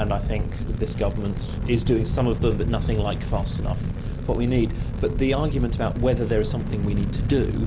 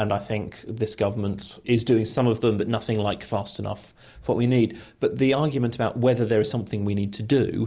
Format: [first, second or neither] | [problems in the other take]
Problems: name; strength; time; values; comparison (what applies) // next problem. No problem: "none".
second | background sound (Fire); as loud as the speech